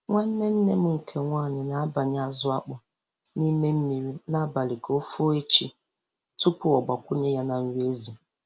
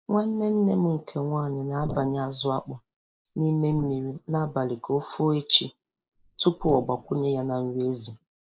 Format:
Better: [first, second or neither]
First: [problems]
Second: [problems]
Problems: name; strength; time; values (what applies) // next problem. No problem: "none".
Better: first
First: none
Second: noise reduction (neural mask model Resemble Enhance denoiser)